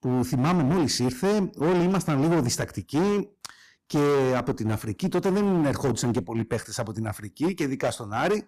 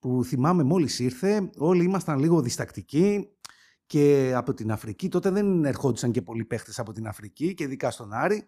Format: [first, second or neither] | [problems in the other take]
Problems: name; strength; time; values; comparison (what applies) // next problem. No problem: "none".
second | distortion; heavy; 18% of the sound clipped